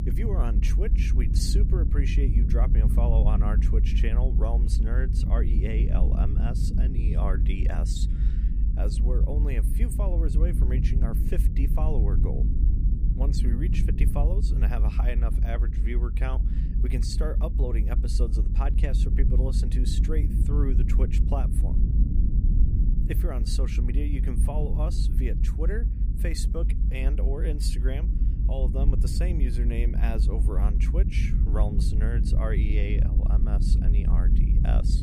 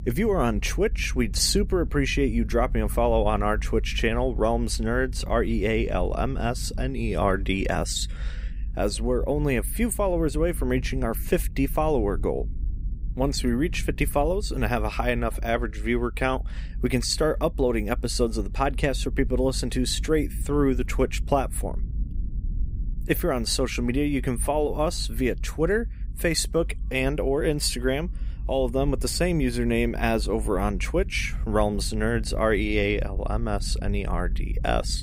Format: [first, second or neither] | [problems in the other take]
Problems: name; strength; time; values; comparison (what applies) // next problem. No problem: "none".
second | low rumble; loud; throughout; 4 dB below the speech; faint in the second